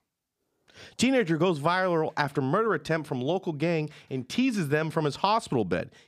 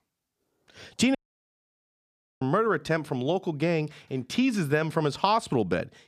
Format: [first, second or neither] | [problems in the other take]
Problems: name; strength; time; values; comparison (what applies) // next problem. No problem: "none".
first | audio cutting out; at 1 s for 1.5 s